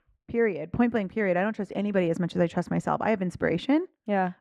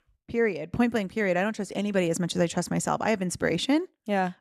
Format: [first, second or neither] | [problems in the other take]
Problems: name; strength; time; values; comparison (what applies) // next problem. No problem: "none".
second | muffled; very; fading above 3.5 kHz